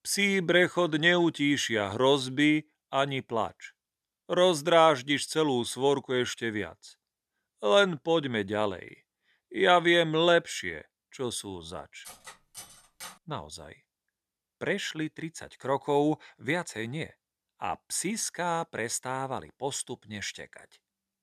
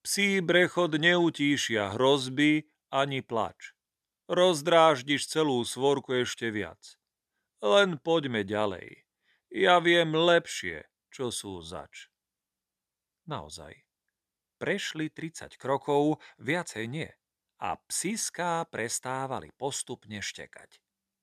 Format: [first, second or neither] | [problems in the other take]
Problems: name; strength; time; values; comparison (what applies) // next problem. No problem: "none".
second | clattering dishes; faint; from 12 to 13 s; peak 15 dB below the speech